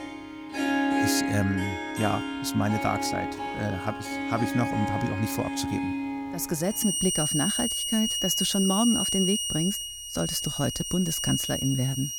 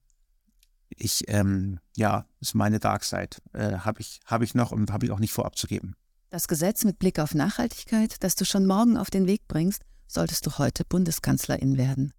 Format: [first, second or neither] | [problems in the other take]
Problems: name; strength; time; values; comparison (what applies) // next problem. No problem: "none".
second | background music; very loud; throughout; as loud as the speech